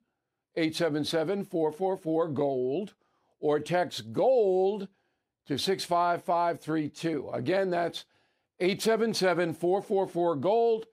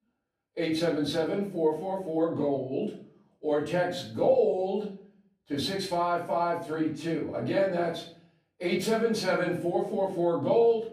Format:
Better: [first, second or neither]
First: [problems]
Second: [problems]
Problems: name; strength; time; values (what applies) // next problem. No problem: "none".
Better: first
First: none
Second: off-mic speech; far // room echo; slight; dies away in 0.4 s